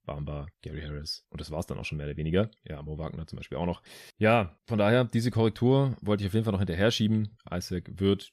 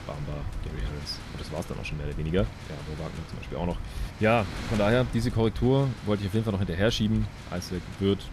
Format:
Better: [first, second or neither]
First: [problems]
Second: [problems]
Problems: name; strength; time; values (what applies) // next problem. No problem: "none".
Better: first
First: none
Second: wind noise on the microphone; occasional gusts; 15 dB below the speech